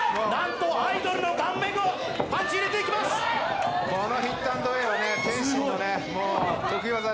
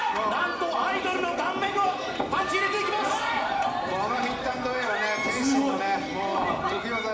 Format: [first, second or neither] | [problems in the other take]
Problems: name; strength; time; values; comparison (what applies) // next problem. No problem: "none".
first | room echo; dies away in 2.9 s